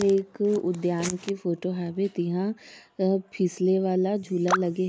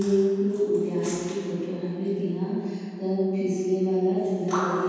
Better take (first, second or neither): first